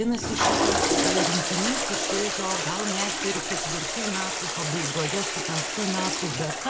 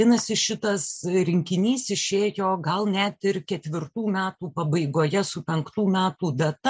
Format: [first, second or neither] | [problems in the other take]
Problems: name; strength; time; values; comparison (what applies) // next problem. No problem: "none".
second | background sound (Toilet flush); 4 dB above the speech